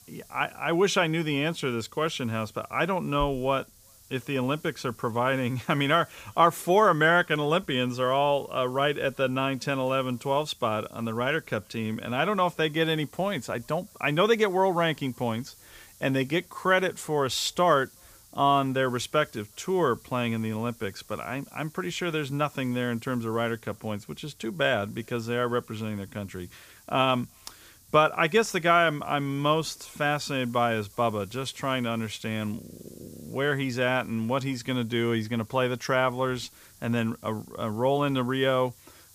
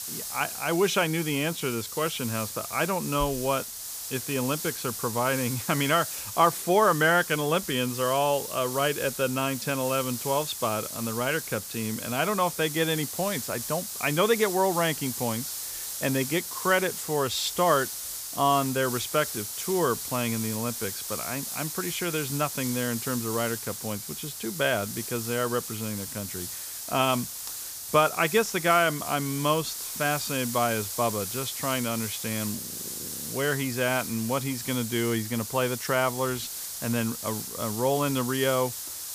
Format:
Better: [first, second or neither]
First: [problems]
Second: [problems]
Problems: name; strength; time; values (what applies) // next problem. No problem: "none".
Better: first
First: hiss; faint; throughout; 25 dB below the speech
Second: hiss; loud; throughout; 6 dB below the speech